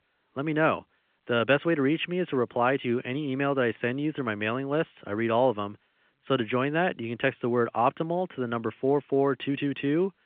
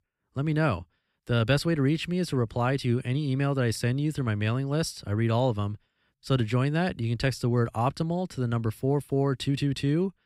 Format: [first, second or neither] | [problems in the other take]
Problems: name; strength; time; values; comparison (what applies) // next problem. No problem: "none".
second | phone-call audio